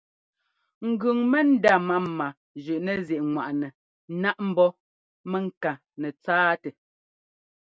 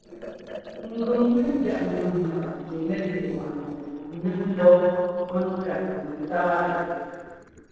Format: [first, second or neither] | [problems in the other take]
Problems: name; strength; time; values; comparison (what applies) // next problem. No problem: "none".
first | noise reduction (neural separator model SepFormer DNS4)